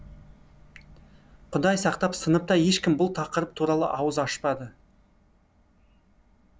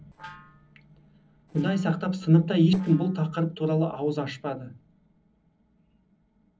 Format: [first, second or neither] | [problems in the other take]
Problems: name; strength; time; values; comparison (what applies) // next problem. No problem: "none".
first | noise reduction (neural separator model SepFormer DNS4)